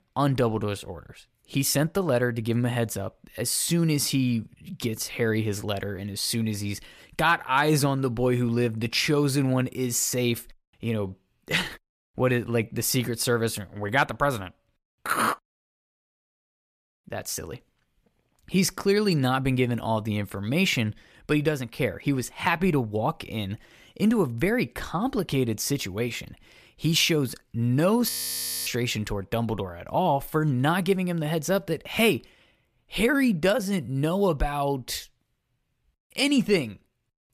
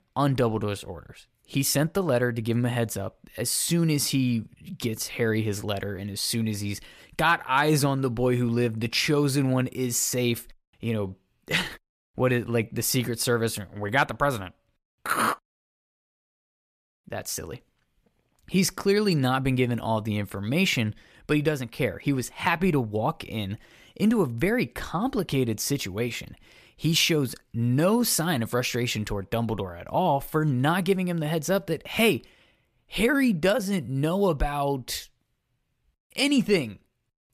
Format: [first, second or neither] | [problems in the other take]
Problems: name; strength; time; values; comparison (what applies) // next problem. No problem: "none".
second | audio freezing; at 28 s for 0.5 s